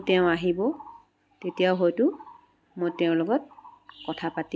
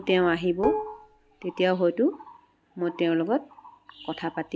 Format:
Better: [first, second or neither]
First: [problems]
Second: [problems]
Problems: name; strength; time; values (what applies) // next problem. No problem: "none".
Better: first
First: none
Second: background sound (Dishes, pots, and pans); 5 dB below the speech